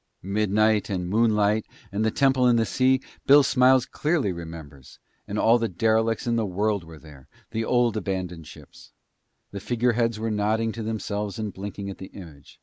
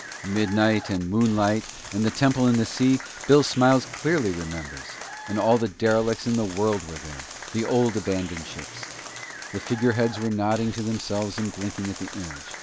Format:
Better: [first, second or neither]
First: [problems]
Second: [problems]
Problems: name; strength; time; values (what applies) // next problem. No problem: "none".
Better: first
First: none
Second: background sound (Applause); 14 dB below the speech